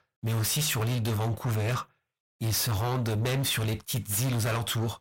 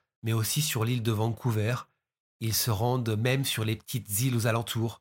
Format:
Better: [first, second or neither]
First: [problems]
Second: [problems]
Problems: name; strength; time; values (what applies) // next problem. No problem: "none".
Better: second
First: distortion; heavy; 6 dB below the speech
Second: none